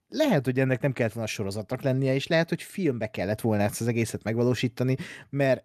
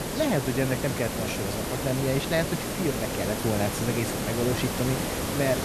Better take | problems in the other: first | hiss; loud; throughout; 1 dB below the speech

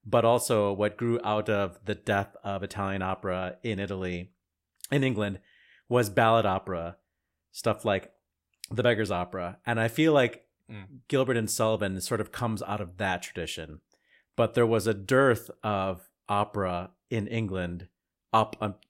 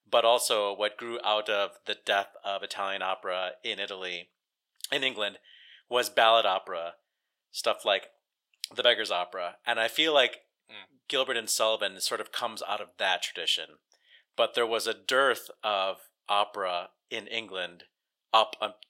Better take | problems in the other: first | thin; very; fading below 600 Hz

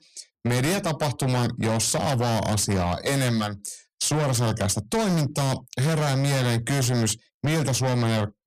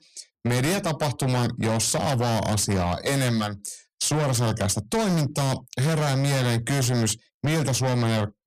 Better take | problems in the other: neither | distortion; heavy; 27% of the sound clipped; the same in both

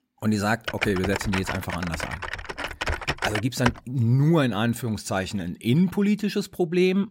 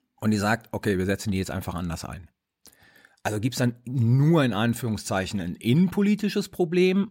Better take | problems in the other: second | keyboard typing; noticeable; from 0.5 to 3.5 s; peak 2 dB below the speech

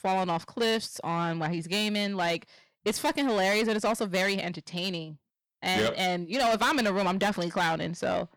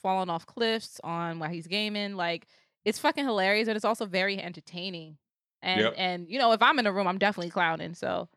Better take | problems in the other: second | distortion; heavy; 7 dB below the speech

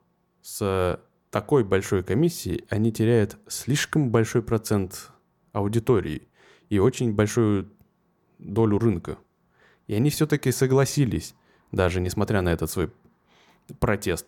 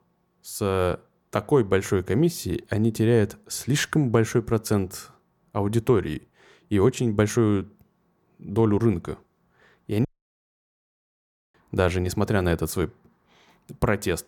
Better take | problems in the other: first | audio cutting out; at 10 s for 1.5 s

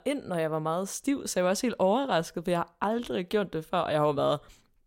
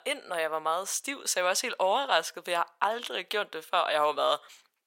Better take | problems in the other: first | thin; very; fading below 800 Hz

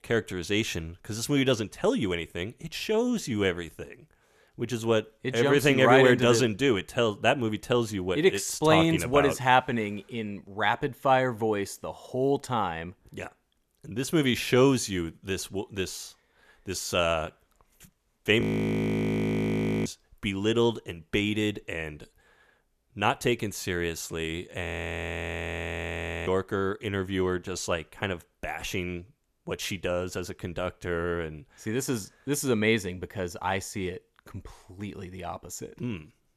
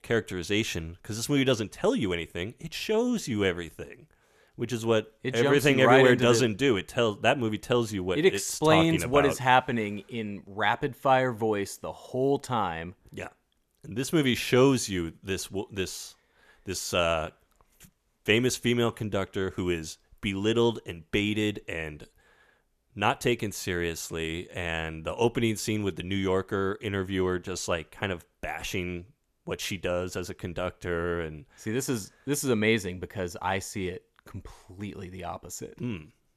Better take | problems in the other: second | audio freezing; at 18 s for 1.5 s and at 25 s for 1.5 s

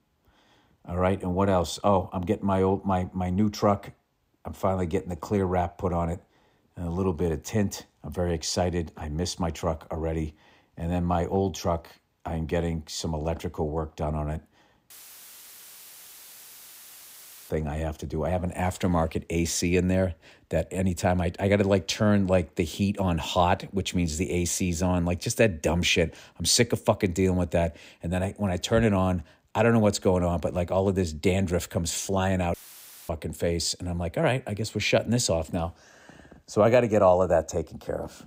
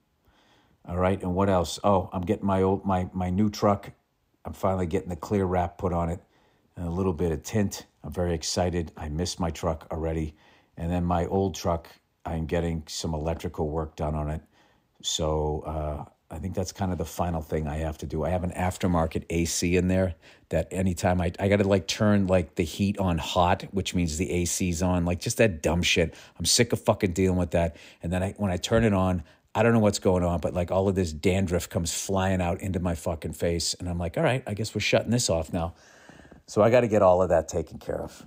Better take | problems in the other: second | audio cutting out; filled with static; at 15 s for 2.5 s and at 33 s for 0.5 s

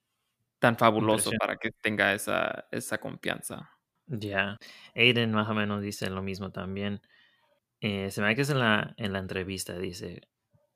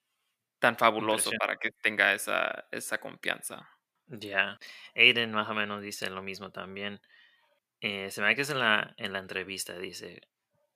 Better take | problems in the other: first | thin; somewhat; fading below 1 kHz

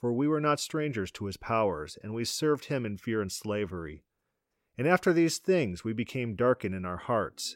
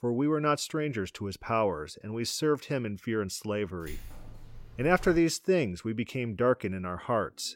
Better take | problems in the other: first | jangling keys; faint; from 4 to 5 s; peak 15 dB below the speech

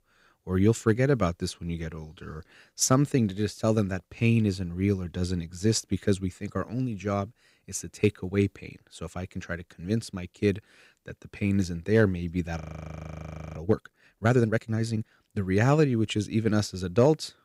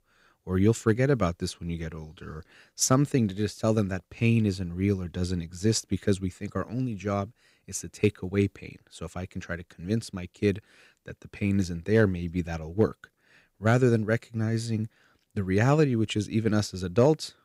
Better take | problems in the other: second | audio freezing; at 13 s for 1 s

